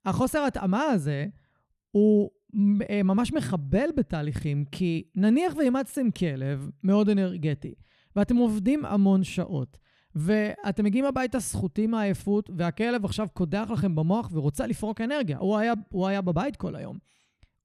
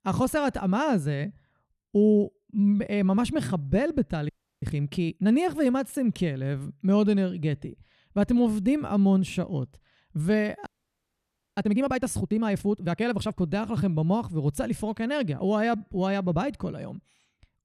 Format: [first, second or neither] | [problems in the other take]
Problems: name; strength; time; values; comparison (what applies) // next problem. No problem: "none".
first | audio freezing; at 4.5 s and at 11 s for 1 s